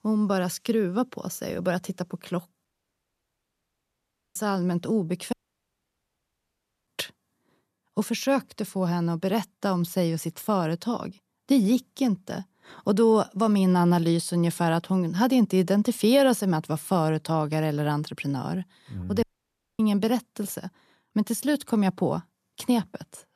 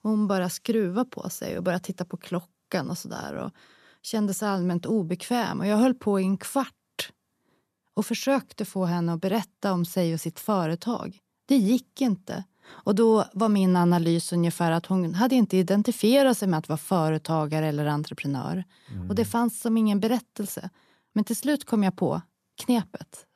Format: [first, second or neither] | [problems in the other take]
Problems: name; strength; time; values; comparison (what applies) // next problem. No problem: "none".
second | audio cutting out; at 2.5 s for 1.5 s, at 5.5 s for 1.5 s and at 19 s for 0.5 s